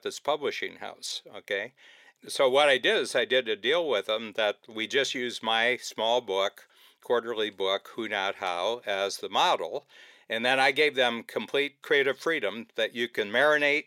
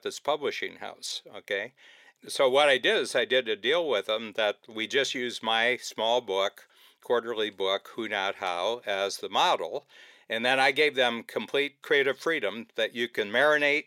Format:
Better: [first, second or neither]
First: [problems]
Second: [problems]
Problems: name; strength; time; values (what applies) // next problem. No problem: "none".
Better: neither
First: thin; somewhat; fading below 450 Hz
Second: thin; somewhat; fading below 450 Hz